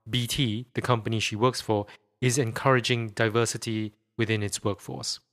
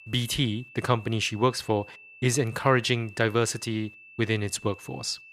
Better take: first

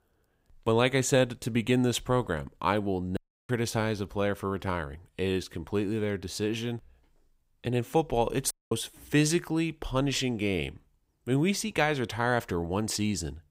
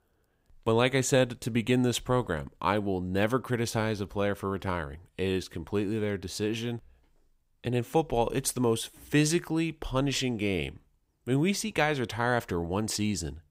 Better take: second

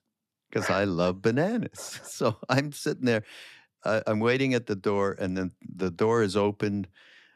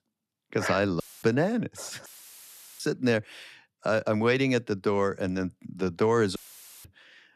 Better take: first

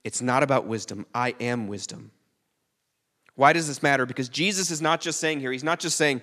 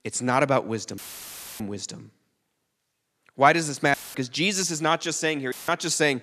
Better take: first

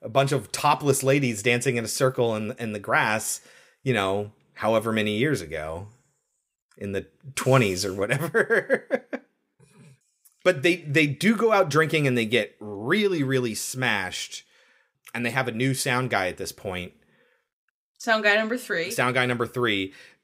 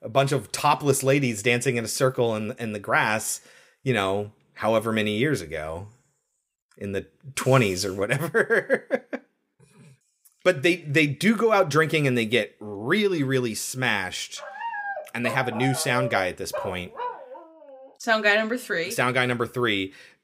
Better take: first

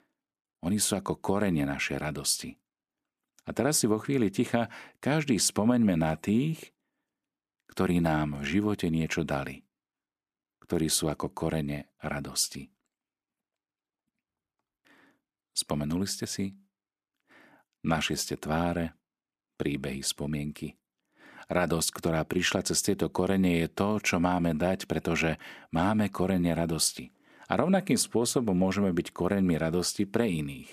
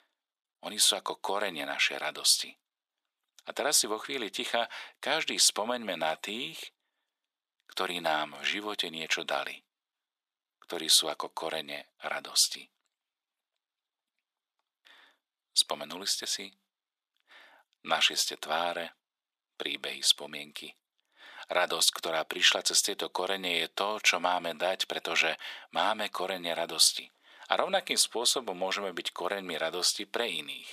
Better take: first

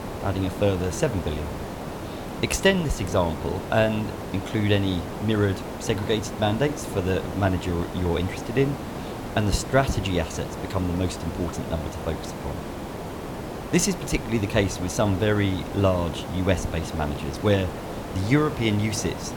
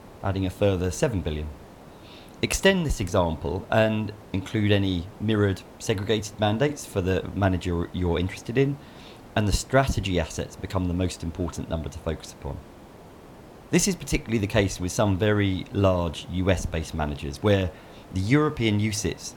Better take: second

